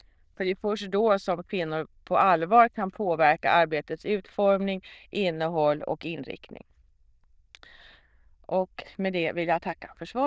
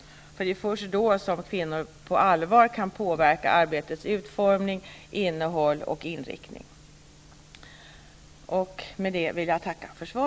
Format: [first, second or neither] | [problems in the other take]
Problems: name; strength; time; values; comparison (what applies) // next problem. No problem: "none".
second | noise reduction (neural diffusion model UNIVERSE++)